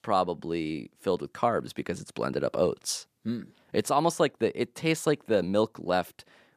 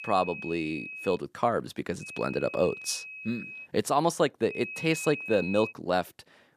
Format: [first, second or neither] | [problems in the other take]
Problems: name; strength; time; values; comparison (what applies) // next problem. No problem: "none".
first | high-pitched whine; loud; until 1 s, from 2 to 3.5 s and from 4.5 to 5.5 s; 2.5 kHz, 9 dB below the speech